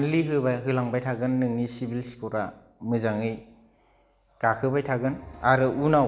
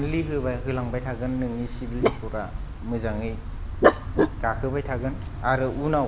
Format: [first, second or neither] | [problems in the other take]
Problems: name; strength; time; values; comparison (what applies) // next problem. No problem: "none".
first | background sound (Dog); 1 dB above the speech